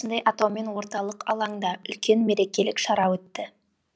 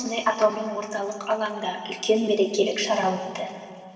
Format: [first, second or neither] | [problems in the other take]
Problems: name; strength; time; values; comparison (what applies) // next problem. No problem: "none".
first | room echo; dies away in 2.6 s